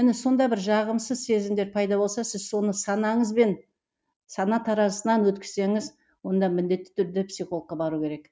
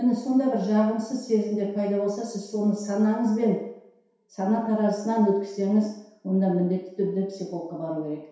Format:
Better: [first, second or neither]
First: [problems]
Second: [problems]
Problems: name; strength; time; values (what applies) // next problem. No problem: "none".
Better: first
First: none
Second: room echo; dies away in 0.7 s